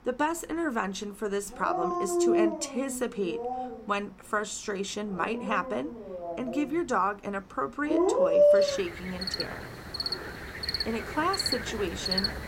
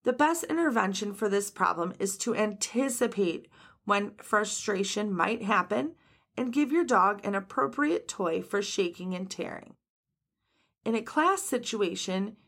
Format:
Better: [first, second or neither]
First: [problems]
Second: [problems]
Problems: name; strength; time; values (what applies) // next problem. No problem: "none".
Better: second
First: animal sounds; very loud; throughout; 3 dB above the speech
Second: none